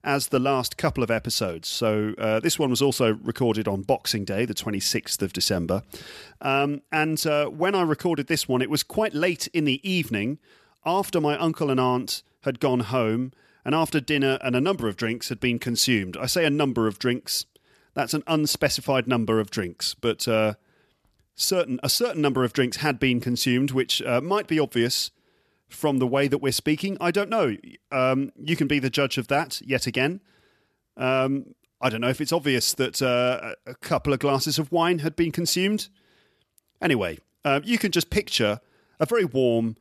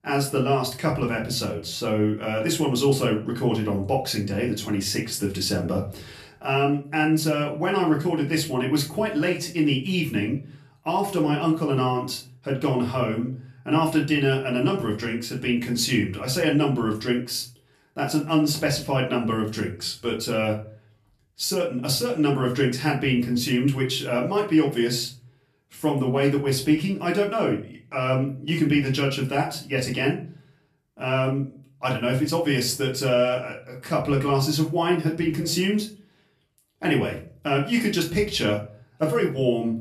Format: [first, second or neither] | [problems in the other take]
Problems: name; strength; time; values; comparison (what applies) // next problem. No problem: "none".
first | off-mic speech; far // room echo; slight; dies away in 0.4 s